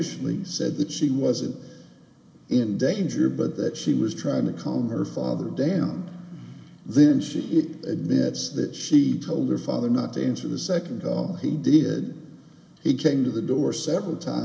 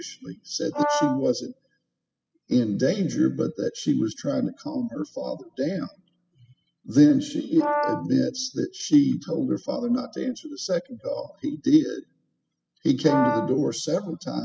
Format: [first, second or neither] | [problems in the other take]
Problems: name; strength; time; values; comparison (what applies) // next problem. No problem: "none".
first | noise reduction (classical method spectral subtraction)